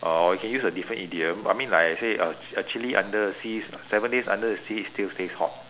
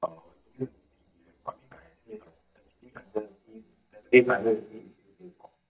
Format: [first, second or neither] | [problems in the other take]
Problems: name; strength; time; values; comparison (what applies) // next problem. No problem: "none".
first | noise reduction (neural mask model DeepFilterNet 3)